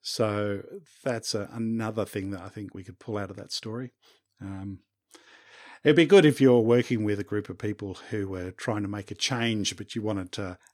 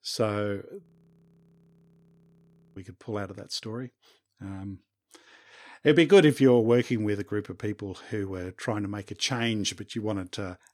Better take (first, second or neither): first